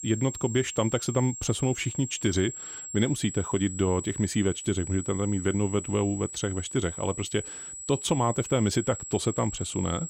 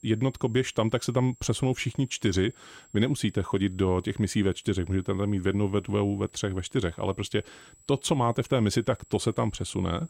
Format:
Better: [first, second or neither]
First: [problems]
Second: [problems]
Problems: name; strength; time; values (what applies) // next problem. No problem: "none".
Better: second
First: high-pitched whine; loud; throughout; 8 kHz, 9 dB below the speech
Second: high-pitched whine; faint; throughout; 8 kHz, 30 dB below the speech